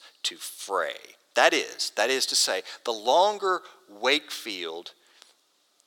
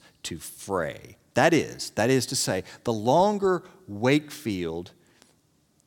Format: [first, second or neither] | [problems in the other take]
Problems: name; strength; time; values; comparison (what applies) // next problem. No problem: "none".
second | thin; very; fading below 450 Hz